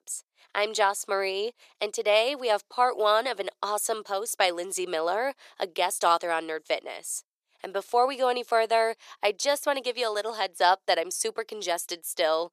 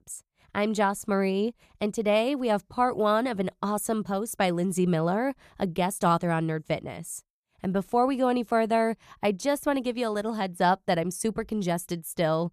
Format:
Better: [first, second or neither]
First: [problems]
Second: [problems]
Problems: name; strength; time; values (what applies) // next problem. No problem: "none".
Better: second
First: thin; very; fading below 400 Hz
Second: none